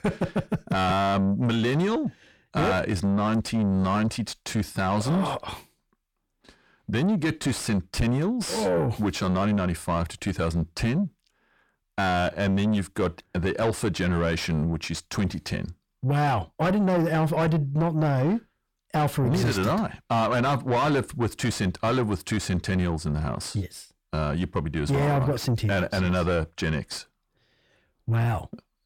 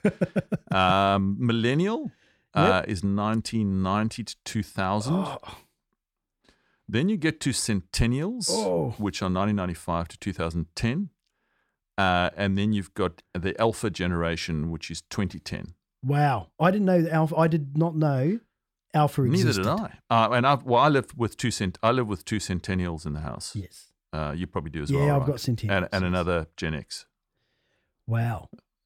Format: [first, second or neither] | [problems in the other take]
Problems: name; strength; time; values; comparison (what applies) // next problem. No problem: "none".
second | distortion; heavy; 7 dB below the speech